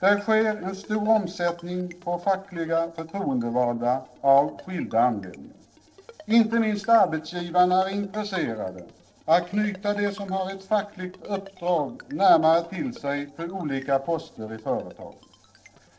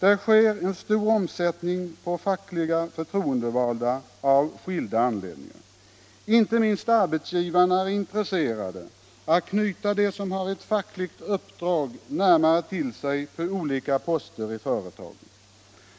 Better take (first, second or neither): second